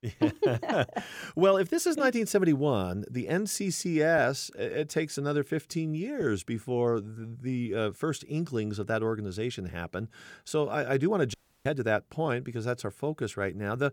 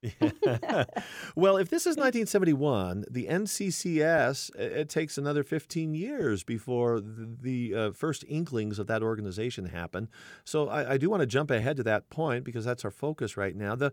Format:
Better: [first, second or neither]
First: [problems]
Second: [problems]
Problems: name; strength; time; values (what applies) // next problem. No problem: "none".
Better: second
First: audio cutting out; at 11 s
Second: none